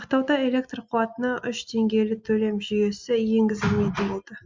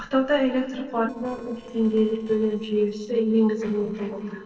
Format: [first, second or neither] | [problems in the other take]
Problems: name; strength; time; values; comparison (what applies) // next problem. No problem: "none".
first | noise reduction (neural separator model SepFormer DNS4)